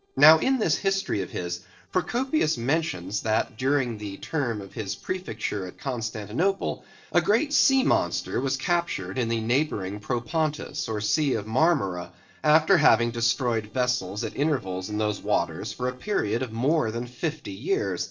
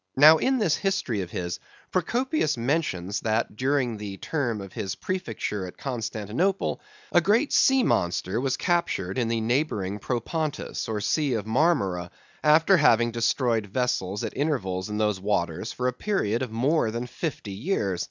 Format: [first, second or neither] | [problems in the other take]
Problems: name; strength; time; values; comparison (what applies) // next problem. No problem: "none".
second | noise reduction (neural separator model SepFormer DNS4)